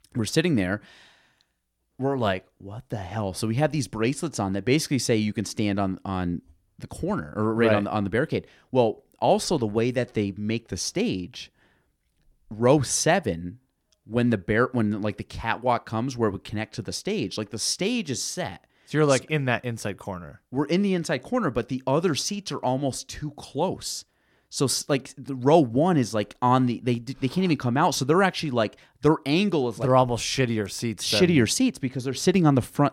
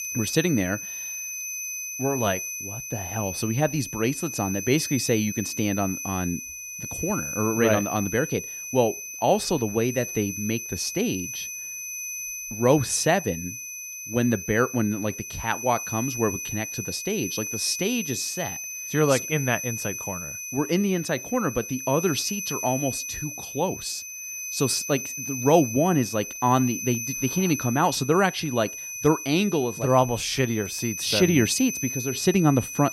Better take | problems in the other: first | high-pitched whine; loud; throughout; 6 kHz, 6 dB below the speech

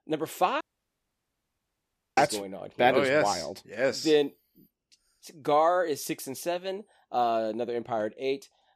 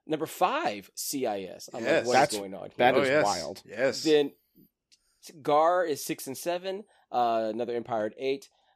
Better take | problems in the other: second | audio cutting out; at 0.5 s for 1.5 s

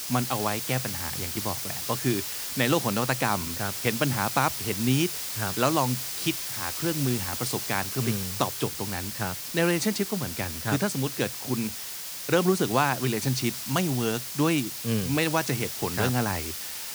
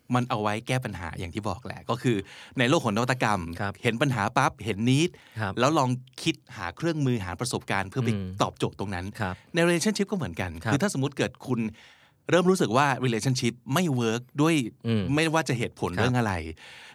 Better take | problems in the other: second | hiss; loud; throughout; 4 dB below the speech

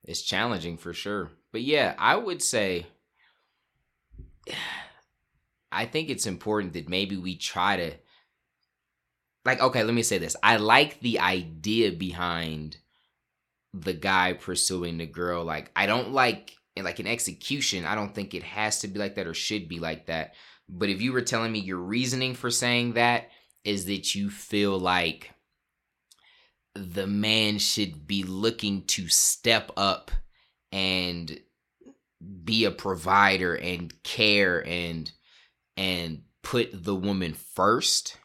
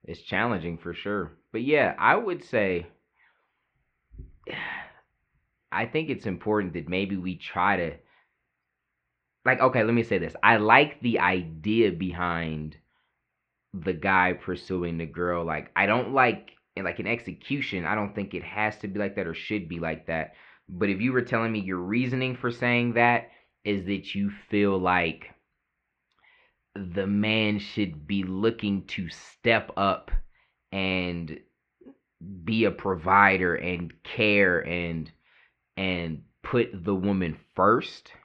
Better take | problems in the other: first | muffled; very; fading above 2.5 kHz

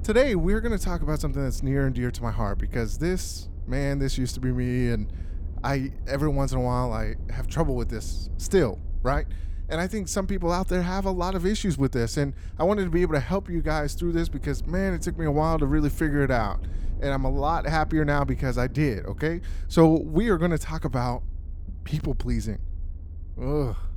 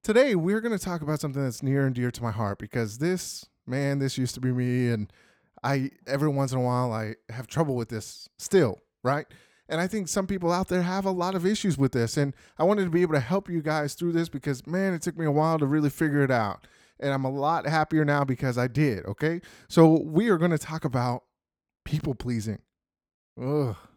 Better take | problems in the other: second | low rumble; faint; throughout; 25 dB below the speech

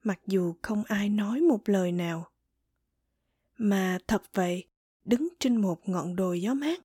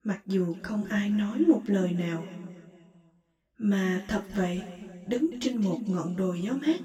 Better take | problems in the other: first | room echo; slight; dies away in 2 s // off-mic speech; far

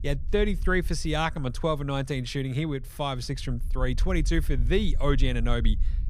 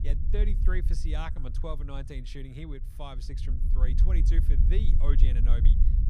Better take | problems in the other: first | low rumble; loud; throughout; 5 dB below the speech; faint in the first

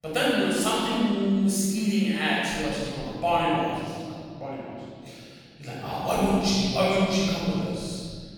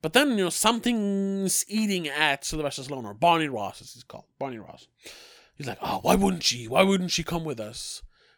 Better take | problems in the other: second | off-mic speech; far // room echo; strong; dies away in 2.5 s

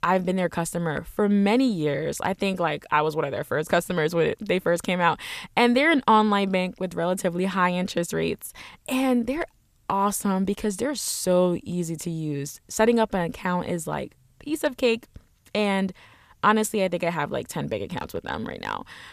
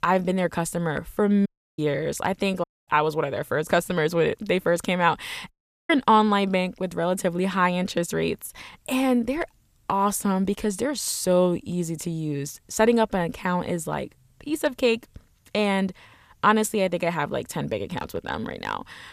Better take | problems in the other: first | audio cutting out; at 1.5 s, at 2.5 s and at 5.5 s

